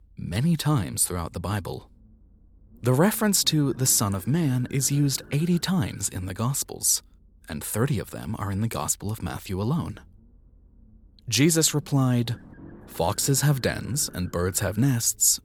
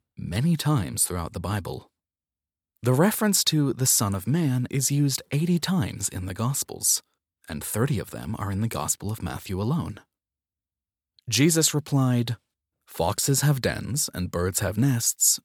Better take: second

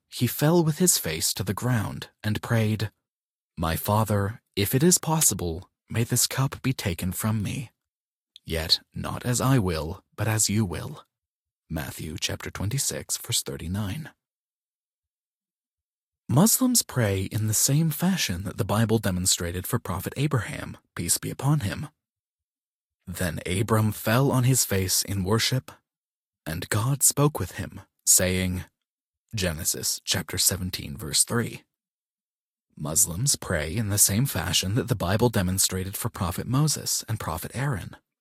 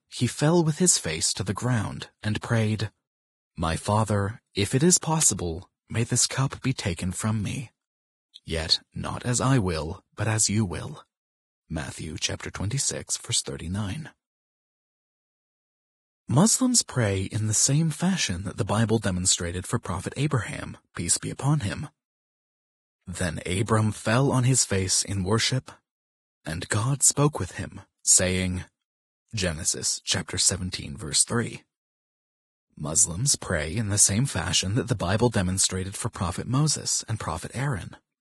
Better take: first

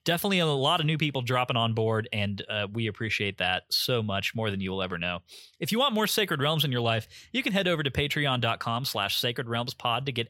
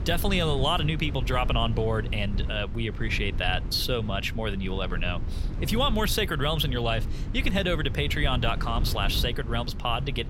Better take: first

